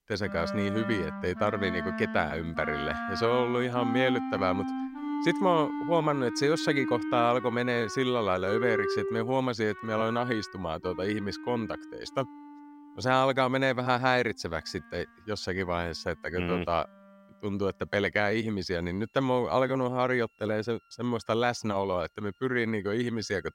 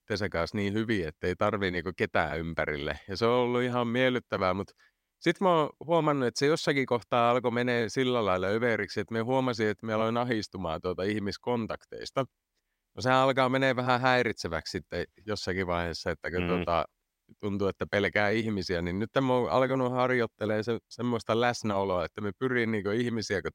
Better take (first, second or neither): second